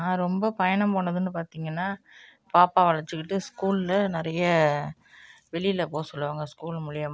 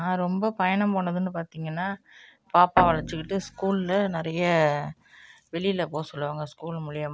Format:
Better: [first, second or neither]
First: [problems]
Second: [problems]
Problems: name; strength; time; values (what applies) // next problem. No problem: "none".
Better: first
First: none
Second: background sound (Guitar); 5 dB below the speech